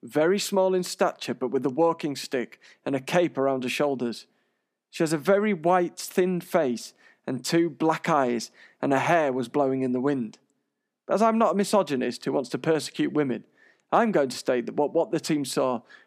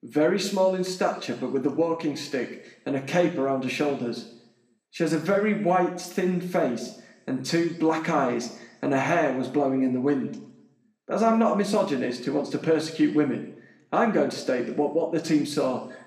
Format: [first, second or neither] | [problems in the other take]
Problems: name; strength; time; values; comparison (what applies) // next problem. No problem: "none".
first | room echo; slight; dies away in 0.8 s // off-mic speech; somewhat distant